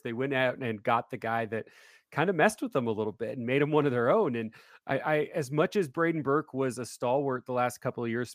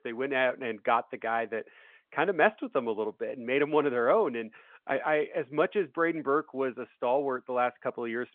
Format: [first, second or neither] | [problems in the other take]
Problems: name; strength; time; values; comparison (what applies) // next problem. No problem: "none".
first | phone-call audio; nothing above 3.5 kHz